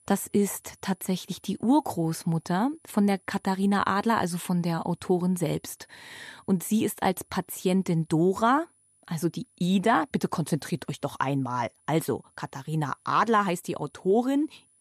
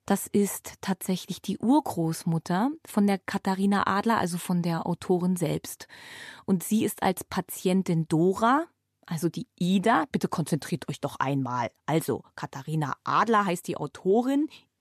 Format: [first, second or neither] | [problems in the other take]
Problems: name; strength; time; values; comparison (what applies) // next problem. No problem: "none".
second | high-pitched whine; faint; throughout; 10 kHz, 35 dB below the speech